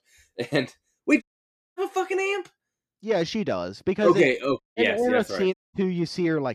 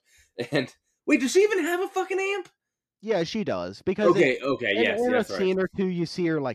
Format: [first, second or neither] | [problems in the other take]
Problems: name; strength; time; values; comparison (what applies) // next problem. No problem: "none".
second | audio cutting out; at 1 s for 0.5 s, at 4.5 s and at 5.5 s